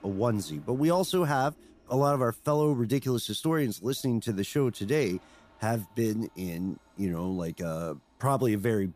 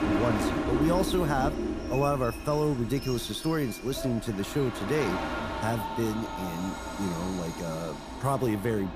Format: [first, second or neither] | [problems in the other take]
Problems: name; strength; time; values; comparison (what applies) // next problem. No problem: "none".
first | train or aircraft noise; loud; throughout; 4 dB below the speech; faint in the first